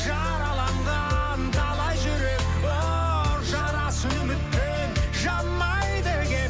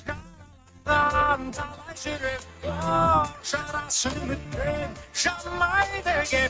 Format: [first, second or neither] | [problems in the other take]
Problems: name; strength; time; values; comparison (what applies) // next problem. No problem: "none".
first | noise reduction (neural mask model RNNoise)